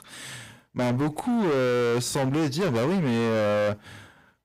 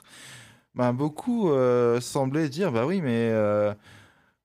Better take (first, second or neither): second